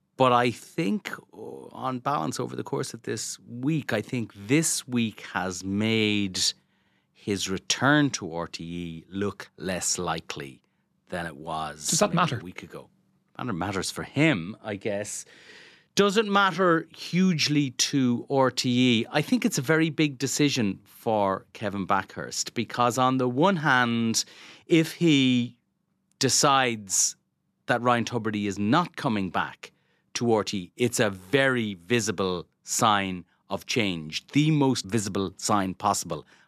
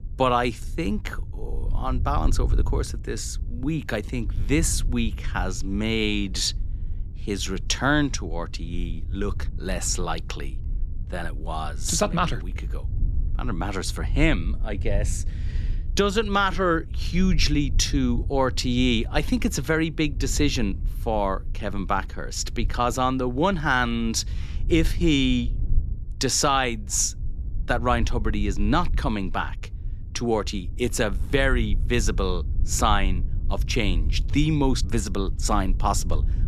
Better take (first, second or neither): first